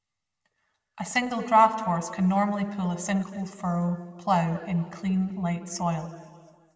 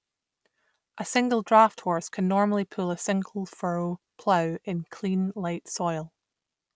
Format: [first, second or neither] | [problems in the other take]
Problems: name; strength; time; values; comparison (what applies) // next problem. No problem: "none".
second | room echo; dies away in 1.9 s